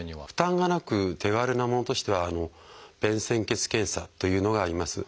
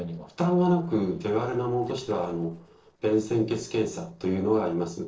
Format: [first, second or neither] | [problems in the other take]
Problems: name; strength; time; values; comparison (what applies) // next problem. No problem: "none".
first | noise reduction (neural separator model SepFormer DNS4)